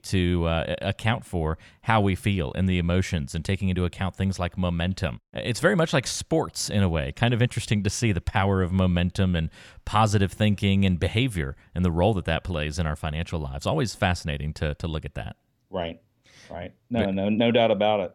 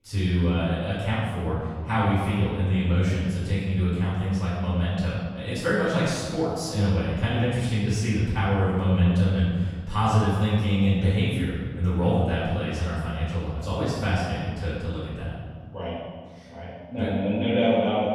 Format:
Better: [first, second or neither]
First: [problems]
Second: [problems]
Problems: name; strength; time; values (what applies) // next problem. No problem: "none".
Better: first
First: none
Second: off-mic speech; far // room echo; strong; dies away in 1.7 s